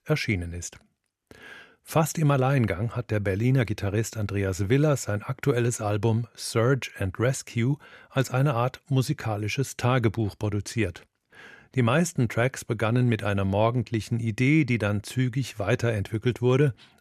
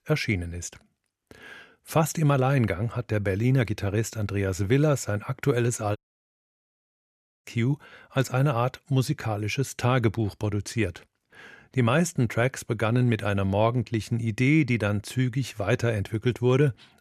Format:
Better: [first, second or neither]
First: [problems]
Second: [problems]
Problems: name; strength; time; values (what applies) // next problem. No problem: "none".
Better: first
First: none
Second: audio cutting out; at 6 s for 1.5 s